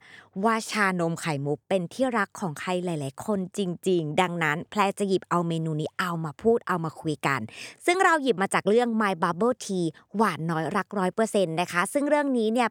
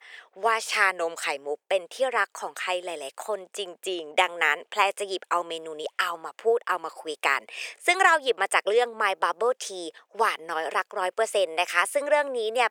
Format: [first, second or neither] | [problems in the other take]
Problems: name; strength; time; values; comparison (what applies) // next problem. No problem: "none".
first | thin; very; fading below 500 Hz